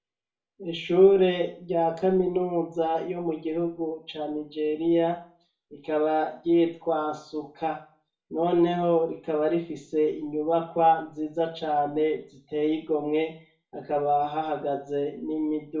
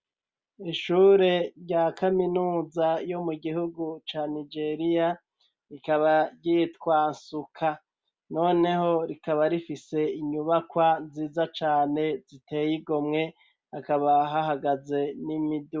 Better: second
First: room echo; dies away in 0.4 s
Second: none

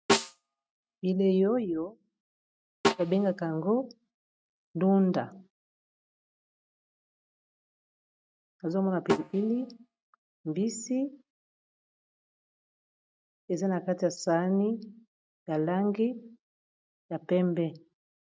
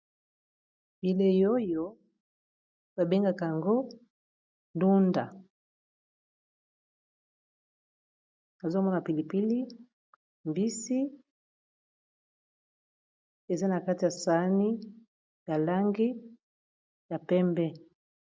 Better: second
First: noise reduction (neural mask model RNNoise)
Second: none

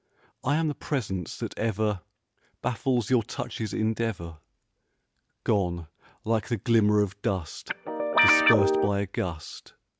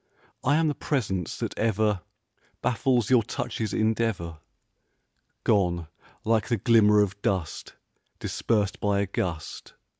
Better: second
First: background sound (Guitar); 5 dB above the speech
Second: none

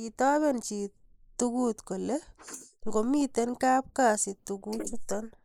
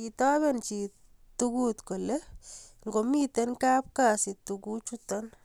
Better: second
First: noise reduction (neural mask model Resemble Enhance denoiser)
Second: none

